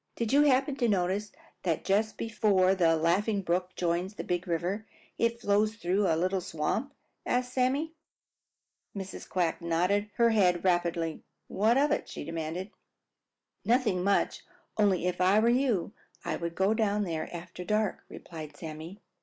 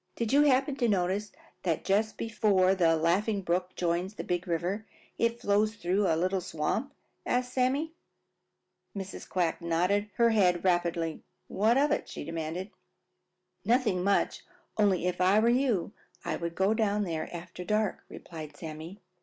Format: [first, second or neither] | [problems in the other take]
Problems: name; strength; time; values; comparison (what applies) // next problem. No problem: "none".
second | noise reduction (neural mask model Resemble Enhance denoiser)